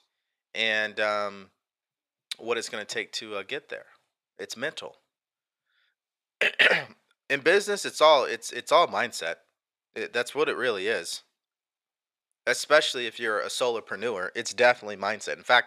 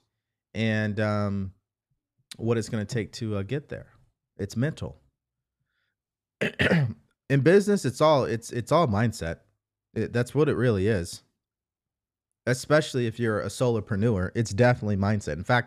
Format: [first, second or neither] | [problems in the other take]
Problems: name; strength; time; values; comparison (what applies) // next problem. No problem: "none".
second | thin; very; fading below 650 Hz